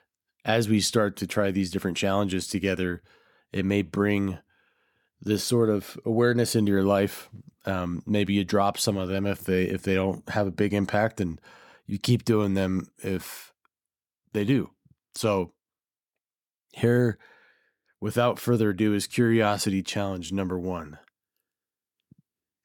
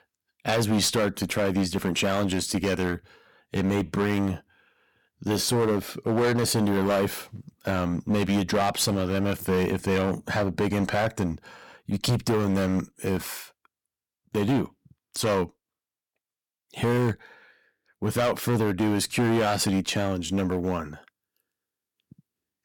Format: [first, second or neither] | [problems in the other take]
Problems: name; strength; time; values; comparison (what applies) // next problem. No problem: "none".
first | distortion; heavy; 11% of the sound clipped